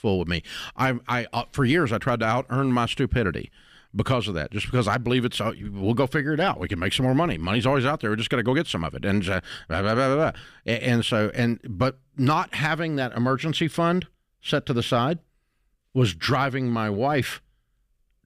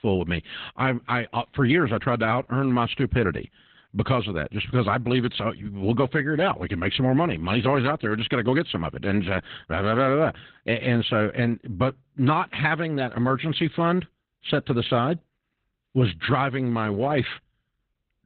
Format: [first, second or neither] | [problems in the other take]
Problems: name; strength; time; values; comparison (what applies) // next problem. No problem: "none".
first | garbled, watery; badly; nothing above 3.5 kHz